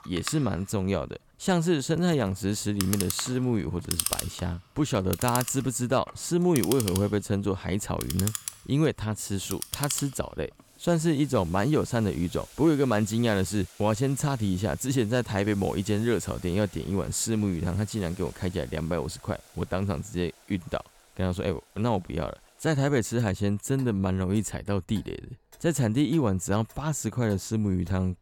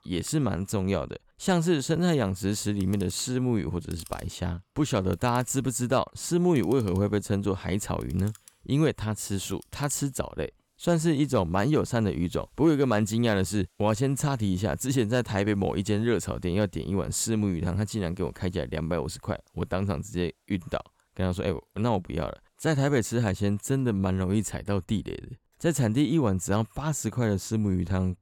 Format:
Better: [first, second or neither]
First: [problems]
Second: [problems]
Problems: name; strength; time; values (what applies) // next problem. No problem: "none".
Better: second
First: household noises; loud; throughout; 9 dB below the speech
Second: household noises; faint; throughout; 25 dB below the speech